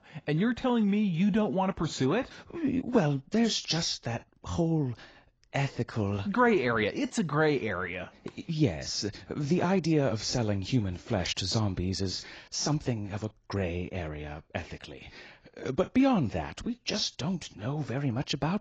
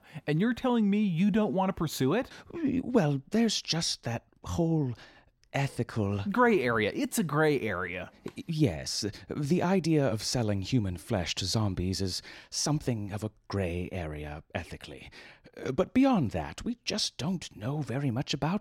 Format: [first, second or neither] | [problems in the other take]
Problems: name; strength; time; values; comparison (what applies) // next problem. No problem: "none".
second | garbled, watery; badly; nothing above 7.5 kHz